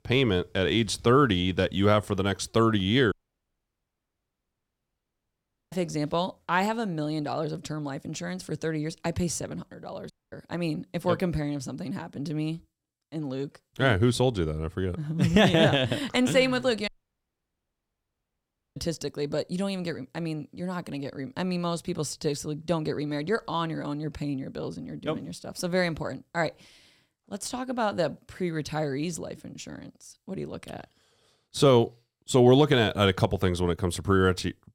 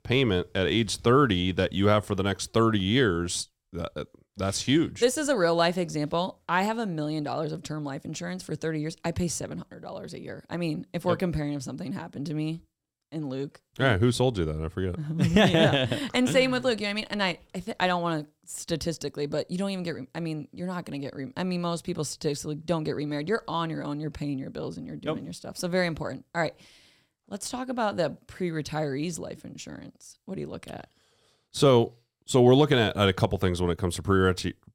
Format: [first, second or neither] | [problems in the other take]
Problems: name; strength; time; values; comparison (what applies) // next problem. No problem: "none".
second | audio cutting out; at 3 s for 2.5 s, at 10 s and at 17 s for 2 s